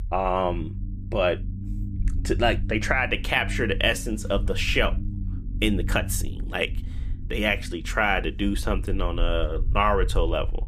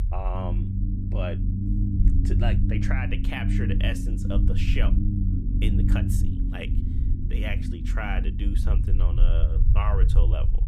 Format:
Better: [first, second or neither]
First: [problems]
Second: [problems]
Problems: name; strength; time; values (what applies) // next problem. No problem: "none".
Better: first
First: low rumble; faint; throughout; 20 dB below the speech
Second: low rumble; loud; throughout; 4 dB below the speech